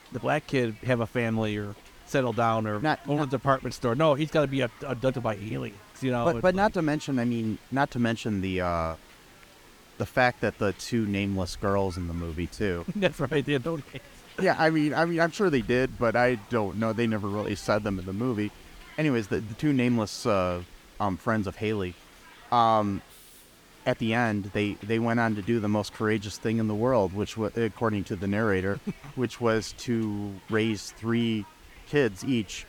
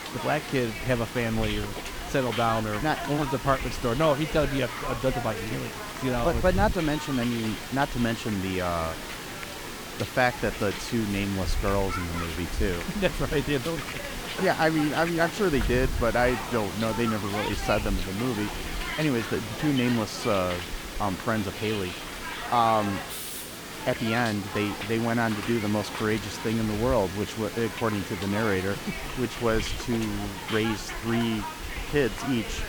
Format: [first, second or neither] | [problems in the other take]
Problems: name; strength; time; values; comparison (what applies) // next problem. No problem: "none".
first | hiss; loud; throughout; 6 dB below the speech; faint in the first